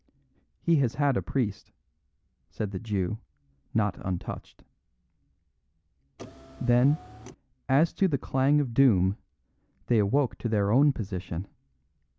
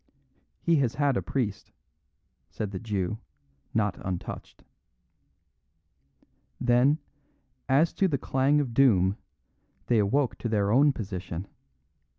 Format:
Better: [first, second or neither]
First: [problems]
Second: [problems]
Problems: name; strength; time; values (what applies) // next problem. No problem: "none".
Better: second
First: background sound (Car); 17 dB below the speech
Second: none